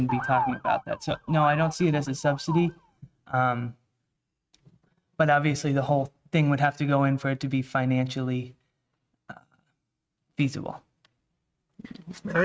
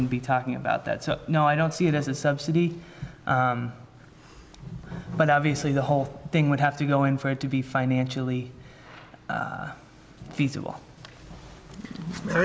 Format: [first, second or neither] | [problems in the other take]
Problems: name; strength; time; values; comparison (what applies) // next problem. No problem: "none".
second | noise reduction (neural mask model RNNoise)